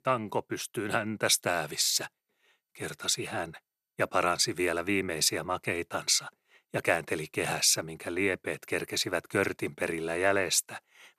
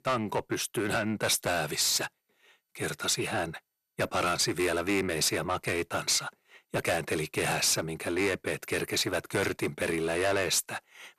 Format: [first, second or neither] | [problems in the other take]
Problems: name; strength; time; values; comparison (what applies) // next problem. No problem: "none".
first | distortion; heavy; 7 dB below the speech